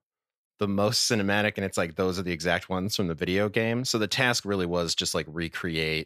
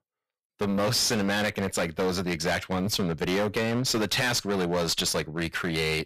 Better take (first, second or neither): first